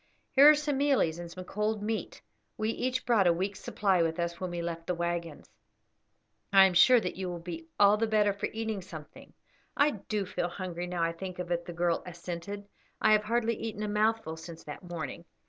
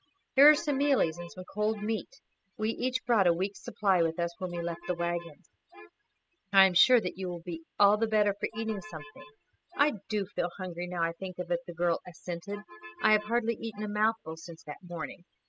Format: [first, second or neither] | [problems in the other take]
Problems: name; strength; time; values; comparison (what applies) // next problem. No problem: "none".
first | noise reduction (classical method spectral subtraction)